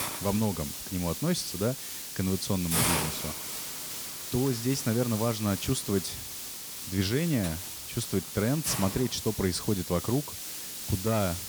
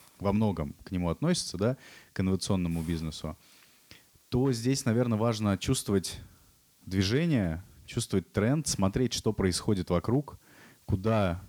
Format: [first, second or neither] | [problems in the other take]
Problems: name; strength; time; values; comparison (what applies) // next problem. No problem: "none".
second | hiss; loud; throughout; 4 dB below the speech; faint in the second